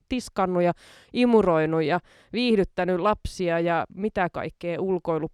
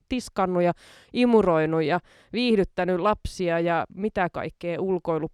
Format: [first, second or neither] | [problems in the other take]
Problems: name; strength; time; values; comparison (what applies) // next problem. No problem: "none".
neither | none